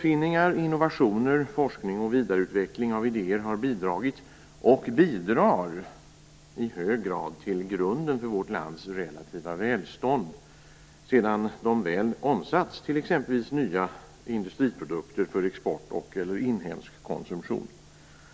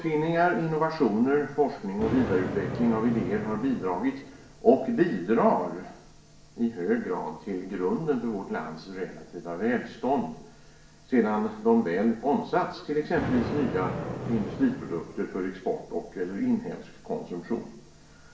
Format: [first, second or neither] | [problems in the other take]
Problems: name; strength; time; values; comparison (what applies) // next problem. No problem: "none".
first | background sound (Thunder); 12 dB below the speech // room echo; dies away in 0.7 s